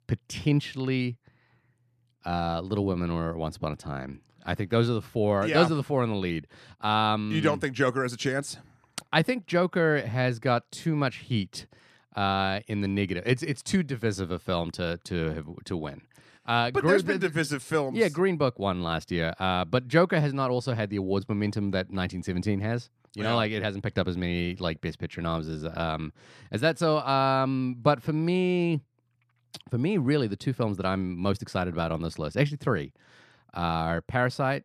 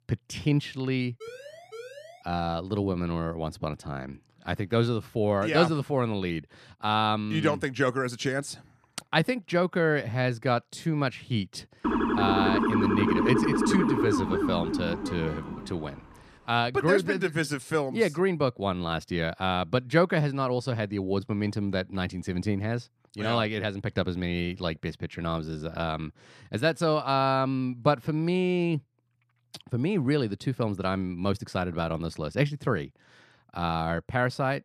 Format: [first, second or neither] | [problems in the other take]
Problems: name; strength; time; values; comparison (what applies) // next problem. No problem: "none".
first | siren; faint; from 1 to 2 s; peak 15 dB below the speech // siren; loud; from 12 to 16 s; peak 4 dB above the speech